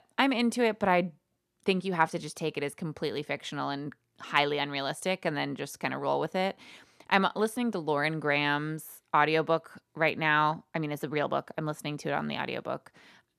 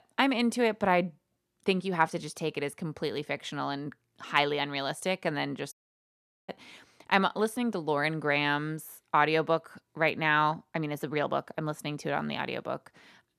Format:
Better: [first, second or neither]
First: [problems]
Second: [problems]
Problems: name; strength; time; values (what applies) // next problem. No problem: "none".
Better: first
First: none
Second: audio cutting out; at 5.5 s for 1 s